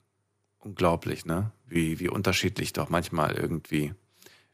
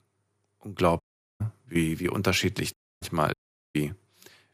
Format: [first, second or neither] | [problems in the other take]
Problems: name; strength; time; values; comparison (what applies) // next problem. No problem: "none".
first | audio cutting out; at 1 s, at 2.5 s and at 3.5 s